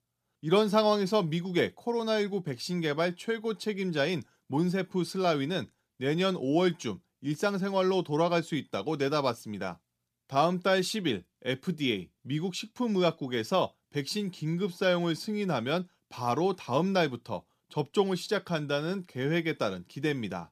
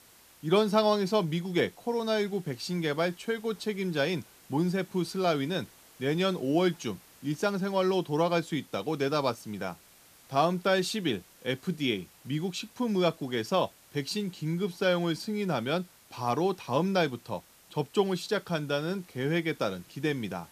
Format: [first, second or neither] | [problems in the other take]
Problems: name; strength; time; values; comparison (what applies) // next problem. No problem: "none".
first | hiss; faint; throughout; 25 dB below the speech